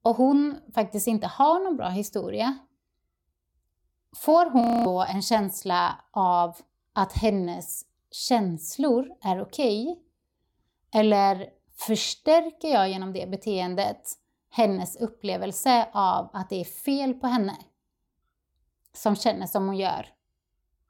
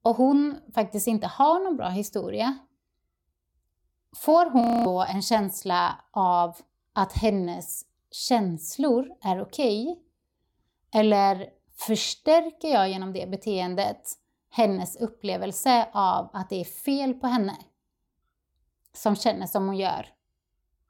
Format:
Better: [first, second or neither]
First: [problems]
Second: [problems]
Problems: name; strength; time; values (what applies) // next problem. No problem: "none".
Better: neither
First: audio freezing; at 4.5 s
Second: audio freezing; at 4.5 s